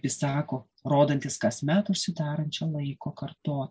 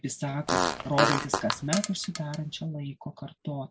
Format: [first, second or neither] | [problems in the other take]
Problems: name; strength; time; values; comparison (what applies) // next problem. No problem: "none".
first | background sound (Fart); 2 dB above the speech